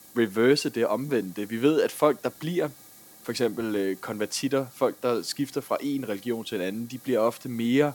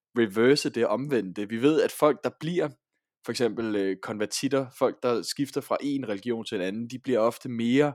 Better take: second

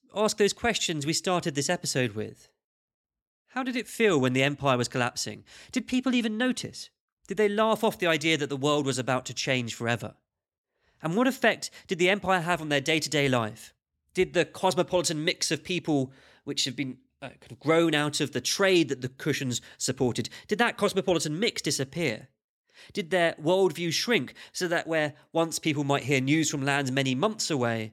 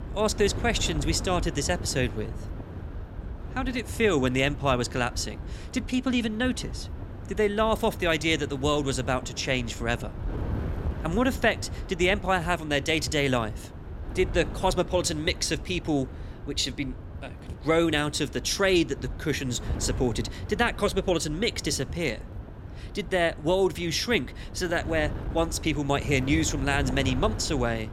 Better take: first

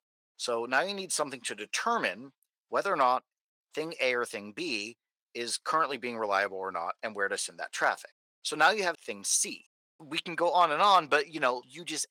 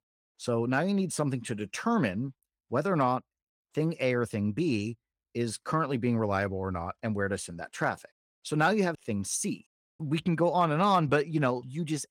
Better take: second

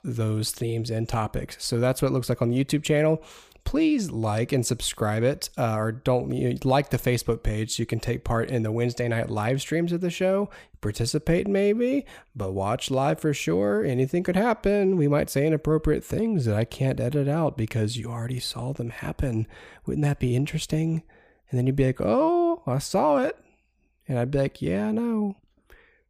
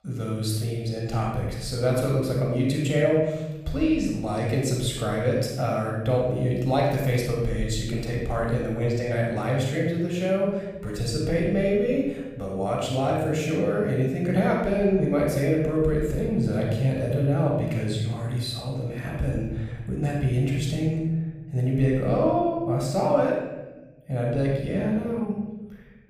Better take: first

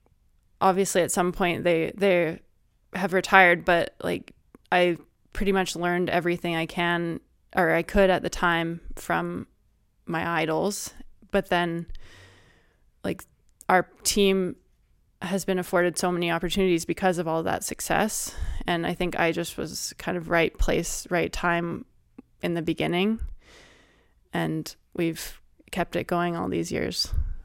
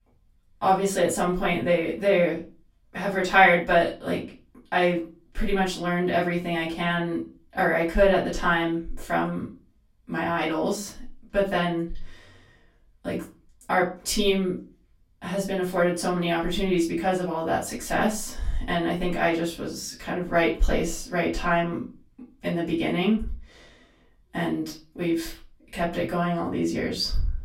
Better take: first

